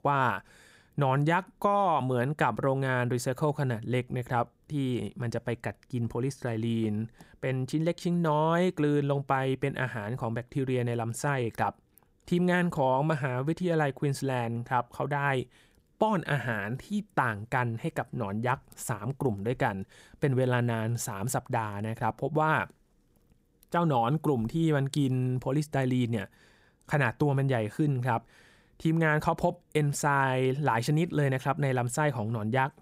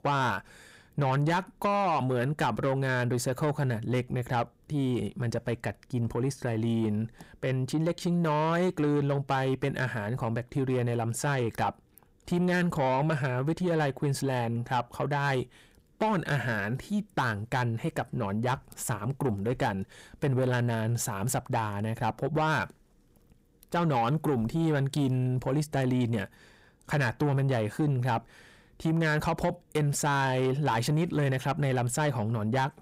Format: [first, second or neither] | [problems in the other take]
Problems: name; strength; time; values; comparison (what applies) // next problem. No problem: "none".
first | distortion; slight; 10 dB below the speech